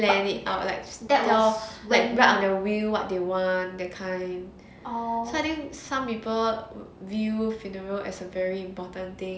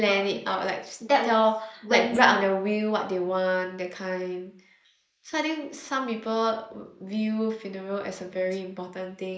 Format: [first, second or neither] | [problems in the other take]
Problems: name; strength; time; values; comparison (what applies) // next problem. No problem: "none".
first | noise reduction (neural mask model Resemble Enhance denoiser)